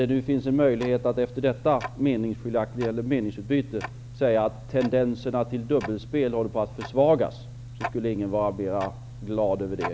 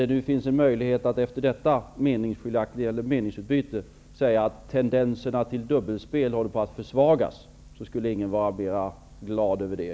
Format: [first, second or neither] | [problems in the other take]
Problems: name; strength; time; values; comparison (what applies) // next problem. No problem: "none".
second | background sound (Tick-tock); 13 dB below the speech